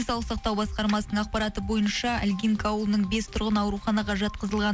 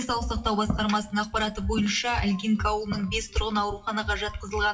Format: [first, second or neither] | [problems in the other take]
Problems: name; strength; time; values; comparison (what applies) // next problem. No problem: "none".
first | noise reduction (classical method WPE with log-MMSE)